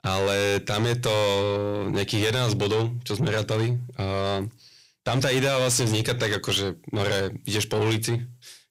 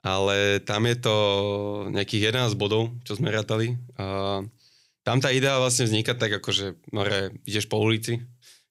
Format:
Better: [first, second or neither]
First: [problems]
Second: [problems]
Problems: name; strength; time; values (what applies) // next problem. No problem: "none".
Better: second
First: distortion; heavy; 7 dB below the speech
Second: none